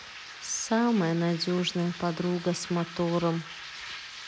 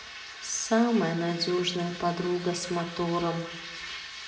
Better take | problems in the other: first | room echo; dies away in 0.8 s

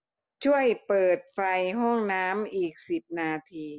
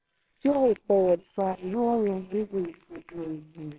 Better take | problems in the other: first | noise reduction (neural separator model SepFormer WHAMR!)

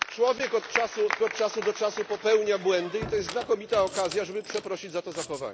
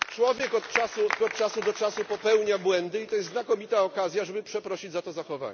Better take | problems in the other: second | background sound (Squeak + Writing); 14 dB below the speech

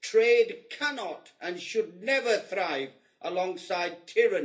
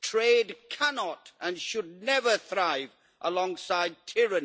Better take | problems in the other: second | room echo; dies away in 0.3 s

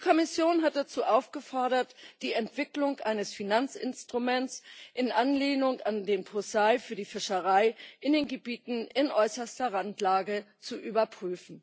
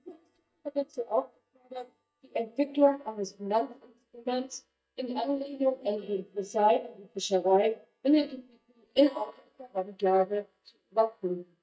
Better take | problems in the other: first | noise reduction (neural mask model DeepFilterNet 3)

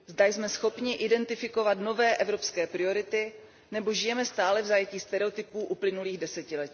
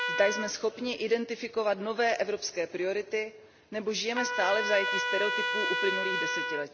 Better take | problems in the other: first | background sound (Trumpet); 3 dB below the speech

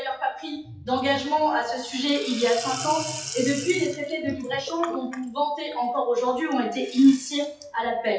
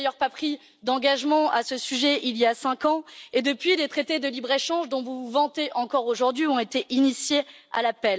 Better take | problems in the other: second | noise reduction (classical method WPE with log-MMSE)

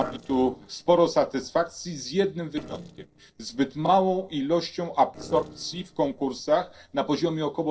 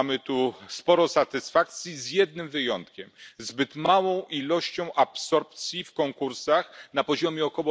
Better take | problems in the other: second | noise reduction (neural separator model SepFormer DNS4)

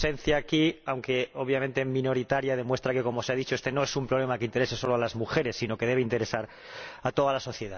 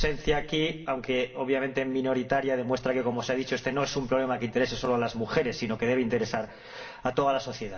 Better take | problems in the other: first | room echo; dies away in 1.2 s

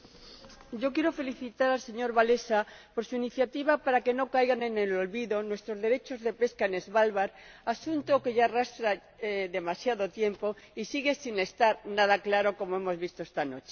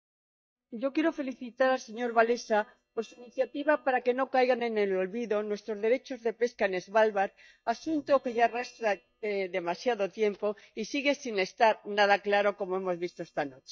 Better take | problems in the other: first | noise reduction (neural mask model DeepFilterNet 3)

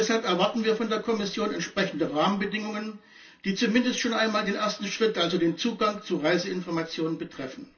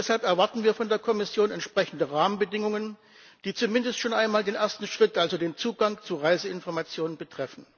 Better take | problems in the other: second | room echo; dies away in 0.2 s

